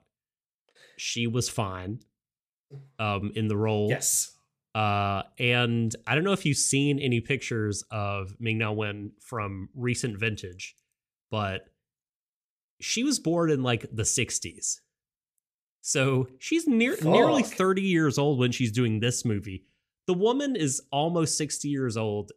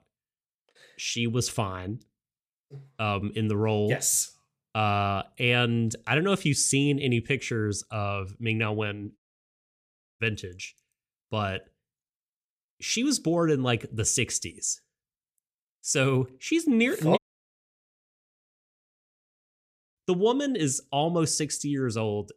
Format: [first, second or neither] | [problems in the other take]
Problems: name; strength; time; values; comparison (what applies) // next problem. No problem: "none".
first | audio cutting out; at 9 s for 1 s and at 17 s for 3 s